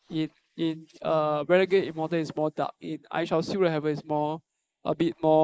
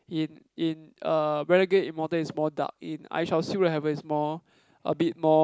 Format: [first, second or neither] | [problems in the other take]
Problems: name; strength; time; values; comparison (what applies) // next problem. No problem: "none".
second | noise reduction (neural mask model Resemble Enhance denoiser)